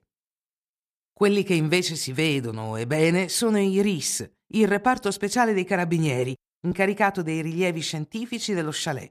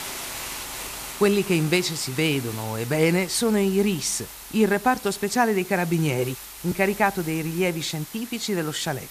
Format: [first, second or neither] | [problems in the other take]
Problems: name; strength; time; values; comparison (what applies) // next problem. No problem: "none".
first | hiss; noticeable; throughout; 10 dB below the speech